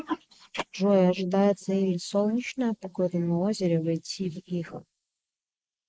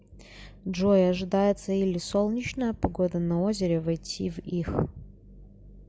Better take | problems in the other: second | noise reduction (neural mask model Resemble Enhance denoiser)

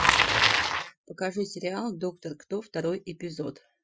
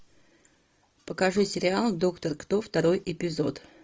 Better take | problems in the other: second | noise reduction (classical method Wiener filter)

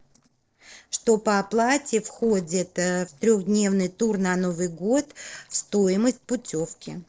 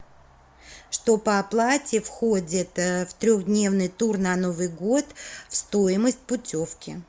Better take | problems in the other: second | noise reduction (neural separator model SepFormer DNS4)

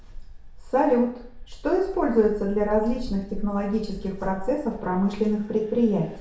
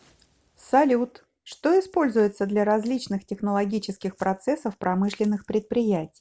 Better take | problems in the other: second | background sound (Engine); 11 dB below the speech // room echo; dies away in 0.6 s

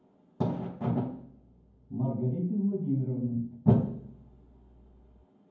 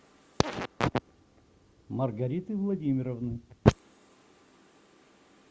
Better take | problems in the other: second | room echo; dies away in 0.9 s

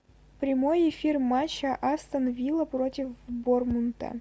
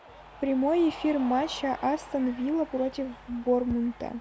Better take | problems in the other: first | background sound (Cheering); 18 dB below the speech

